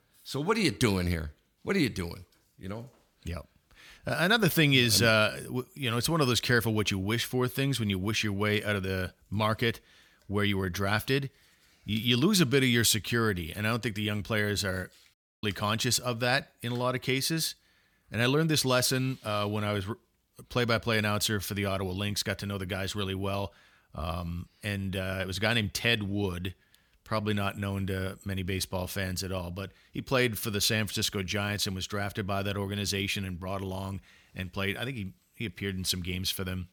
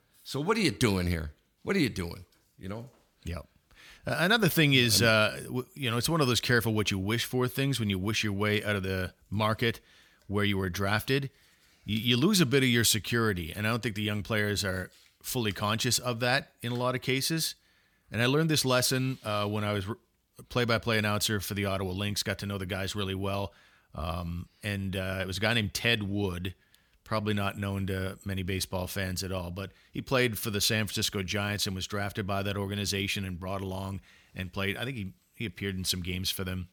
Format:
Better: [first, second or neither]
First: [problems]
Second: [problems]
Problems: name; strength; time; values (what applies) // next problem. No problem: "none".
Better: second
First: audio cutting out; at 15 s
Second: none